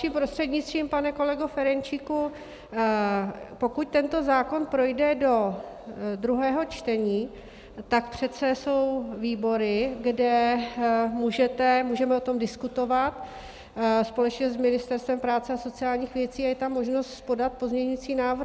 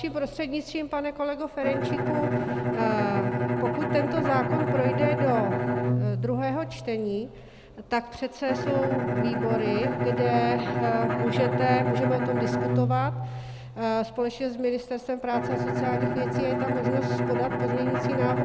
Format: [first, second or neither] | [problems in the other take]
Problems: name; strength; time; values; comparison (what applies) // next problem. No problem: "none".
first | background sound (Bowed string instrument); 1 dB above the speech